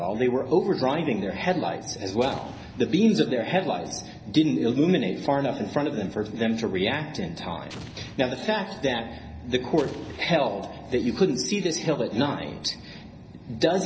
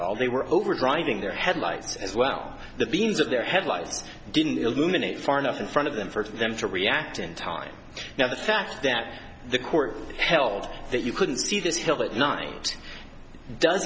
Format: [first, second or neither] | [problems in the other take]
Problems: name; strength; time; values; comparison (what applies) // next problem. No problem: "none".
second | background sound (Explosion); 20 dB below the speech // room echo; dies away in 0.5 s